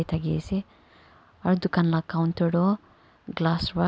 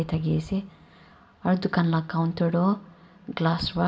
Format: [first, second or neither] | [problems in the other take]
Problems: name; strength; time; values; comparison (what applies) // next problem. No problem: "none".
first | room echo; dies away in 0.4 s